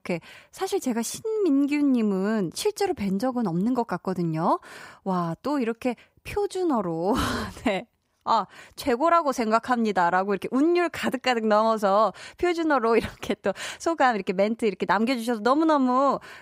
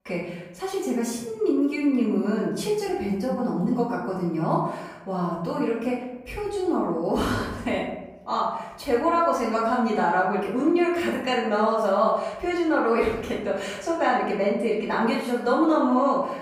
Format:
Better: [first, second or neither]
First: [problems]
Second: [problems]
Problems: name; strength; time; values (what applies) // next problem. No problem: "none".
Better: first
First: none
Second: off-mic speech; far // room echo; noticeable; dies away in 0.8 s